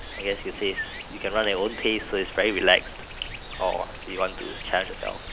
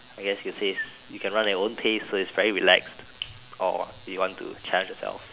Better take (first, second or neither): second